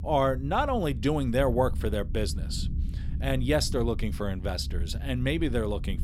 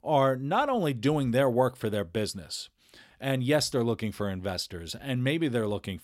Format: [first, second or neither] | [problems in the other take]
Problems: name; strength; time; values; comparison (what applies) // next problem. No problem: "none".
second | low rumble; noticeable; throughout; 20 dB below the speech